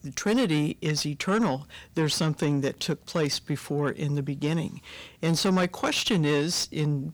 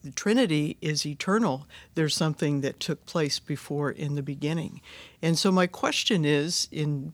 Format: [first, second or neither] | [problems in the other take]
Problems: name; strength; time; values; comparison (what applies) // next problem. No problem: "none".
second | distortion; slight; 10 dB below the speech